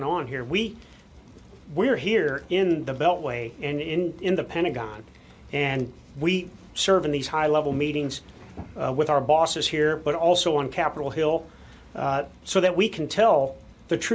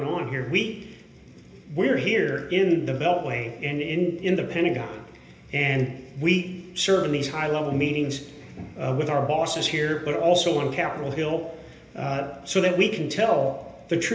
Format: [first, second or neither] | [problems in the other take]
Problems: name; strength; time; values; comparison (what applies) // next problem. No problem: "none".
first | room echo; dies away in 0.8 s